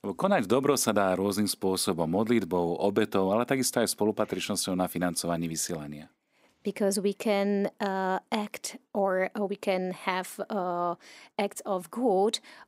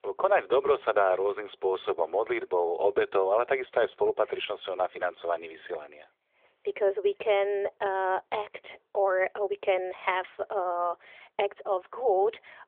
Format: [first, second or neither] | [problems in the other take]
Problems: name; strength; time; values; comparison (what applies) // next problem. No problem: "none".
first | phone-call audio; nothing above 3.5 kHz